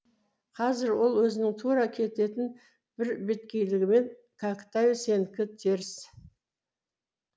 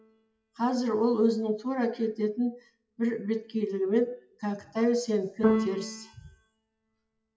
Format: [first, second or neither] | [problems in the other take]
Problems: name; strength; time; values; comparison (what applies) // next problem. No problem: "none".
first | noise reduction (classical method WPE with log-MMSE)